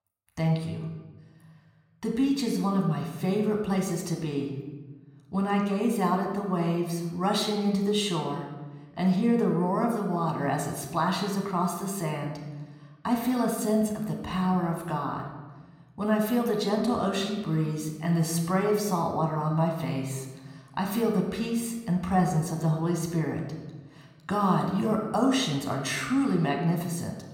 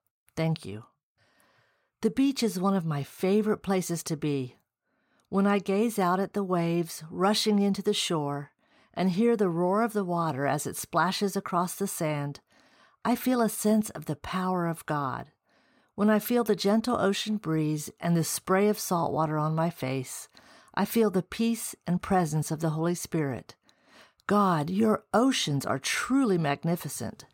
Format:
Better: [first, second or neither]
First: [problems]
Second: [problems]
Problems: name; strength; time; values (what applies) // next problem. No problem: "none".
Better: second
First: room echo; slight; dies away in 1.1 s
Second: none